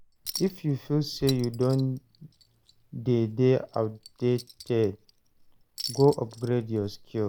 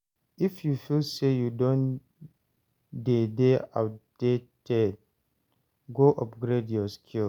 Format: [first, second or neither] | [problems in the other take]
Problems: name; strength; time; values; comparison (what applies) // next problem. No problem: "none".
second | background sound (Chink, clink); 16 dB below the speech